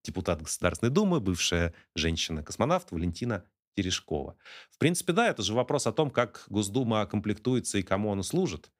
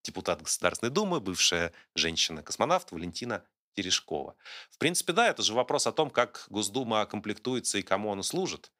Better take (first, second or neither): first